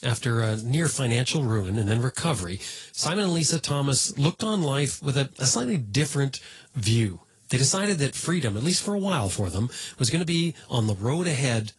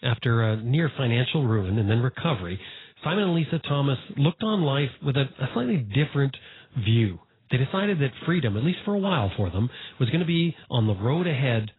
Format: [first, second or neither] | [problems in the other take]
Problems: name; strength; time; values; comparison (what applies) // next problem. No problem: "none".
first | garbled, watery; badly; nothing above 4 kHz; slightly in the first